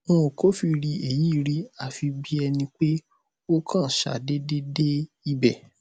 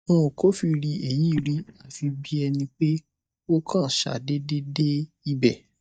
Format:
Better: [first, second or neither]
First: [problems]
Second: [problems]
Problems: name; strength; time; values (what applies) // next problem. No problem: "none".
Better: first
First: none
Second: noise reduction (neural mask model DeepFilterNet 3)